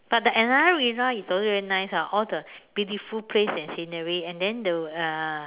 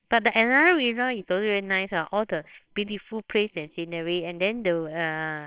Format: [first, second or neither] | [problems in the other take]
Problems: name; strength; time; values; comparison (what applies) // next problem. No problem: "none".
first | noise reduction (neural separator model SepFormer WHAMR!)